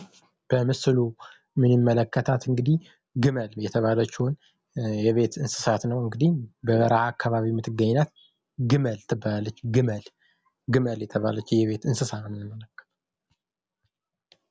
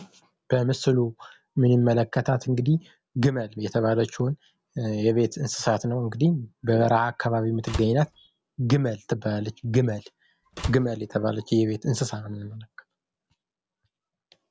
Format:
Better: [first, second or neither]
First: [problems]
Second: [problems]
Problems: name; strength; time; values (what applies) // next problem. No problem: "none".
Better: first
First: none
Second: background sound (Slam); 11 dB below the speech